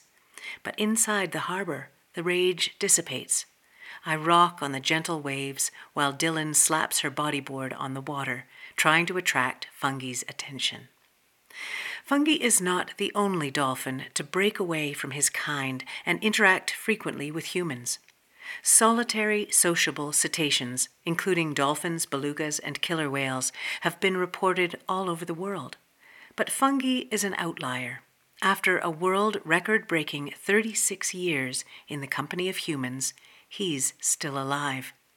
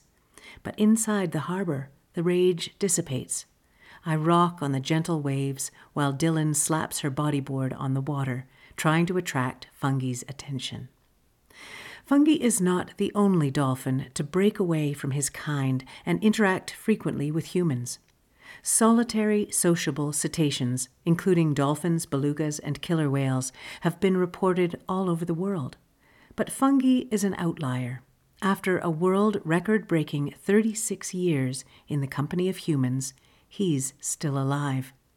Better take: second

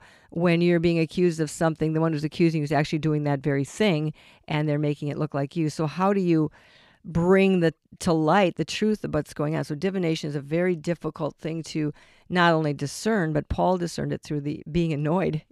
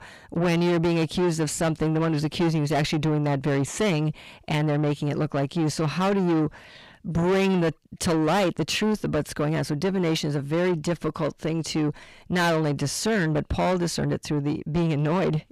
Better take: first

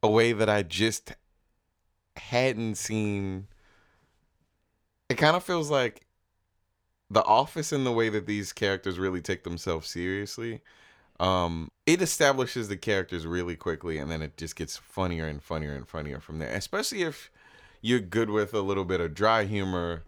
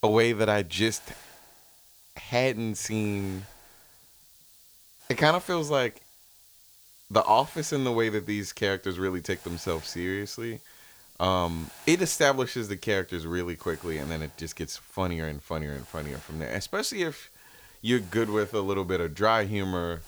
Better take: first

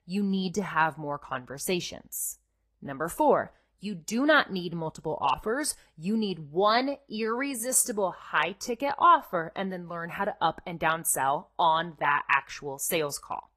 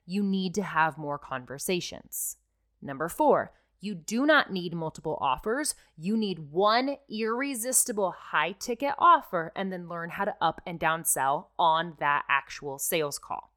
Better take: second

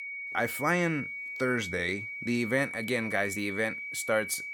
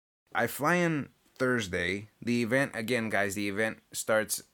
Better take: second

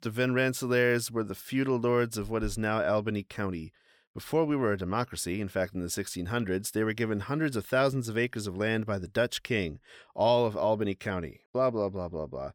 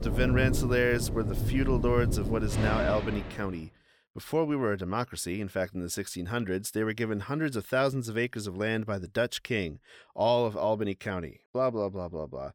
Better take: first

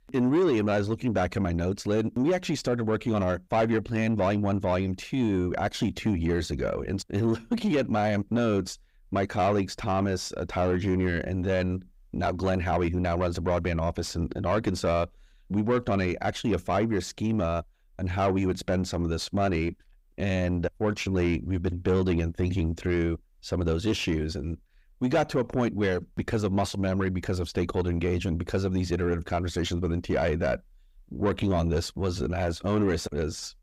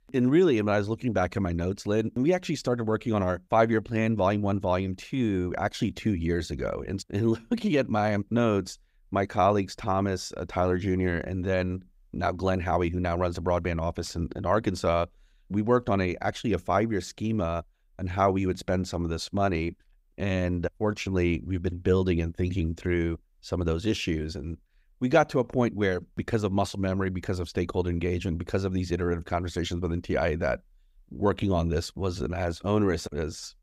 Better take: second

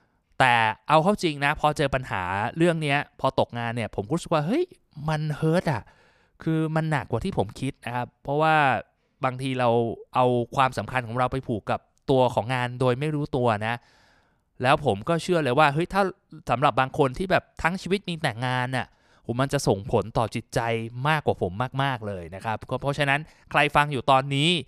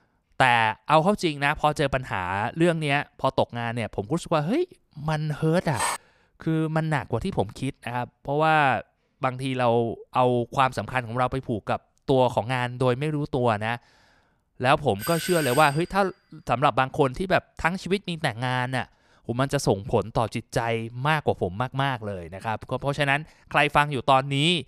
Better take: first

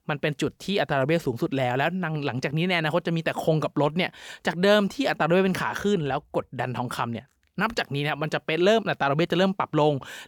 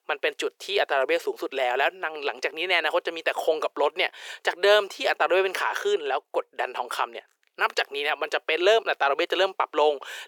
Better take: first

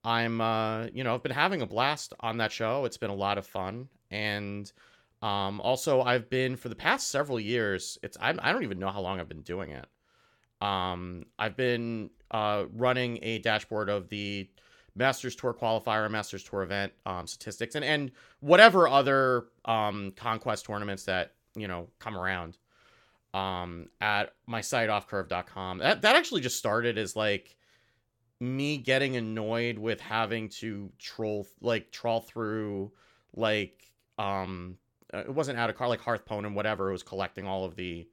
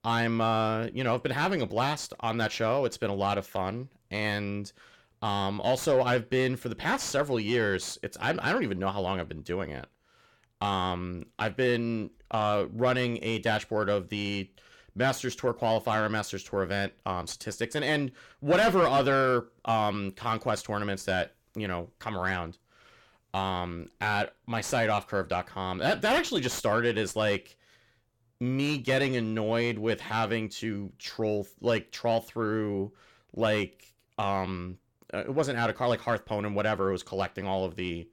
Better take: first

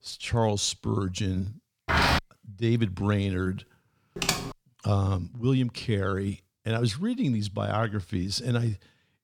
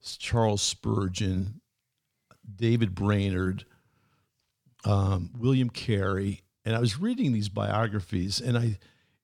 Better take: second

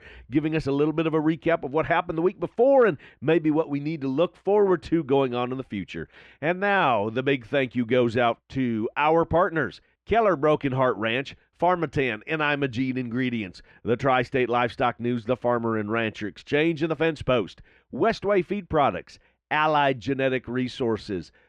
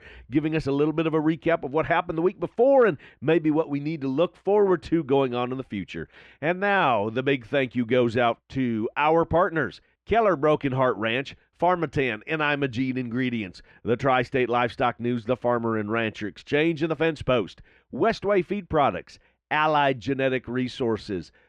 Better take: neither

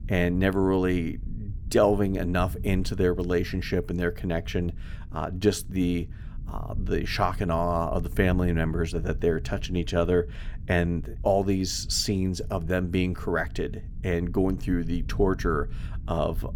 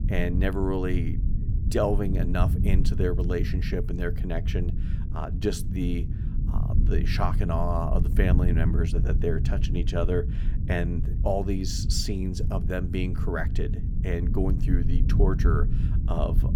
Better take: first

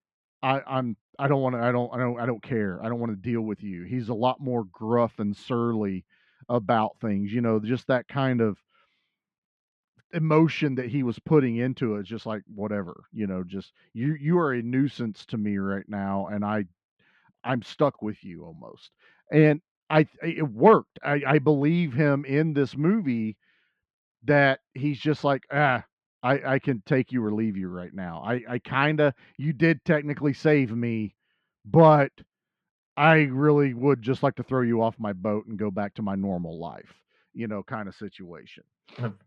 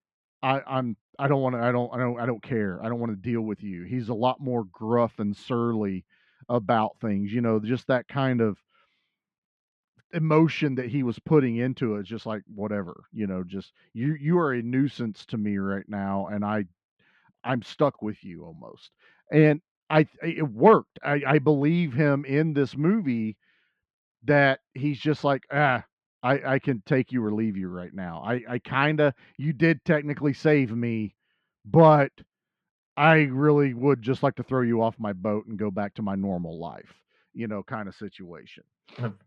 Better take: neither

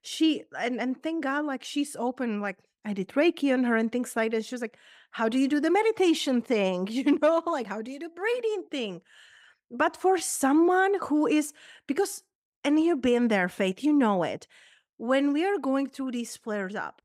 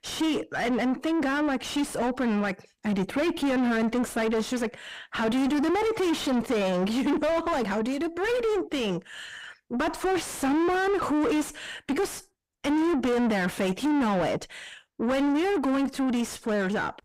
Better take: first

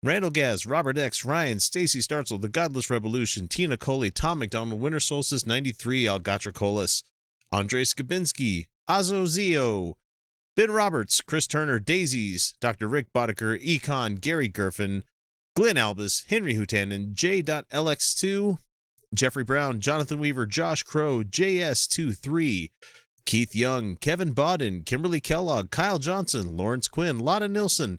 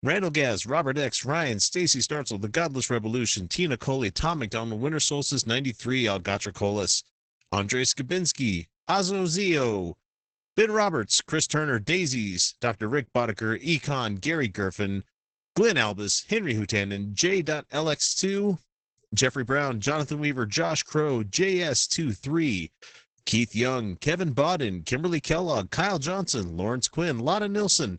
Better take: first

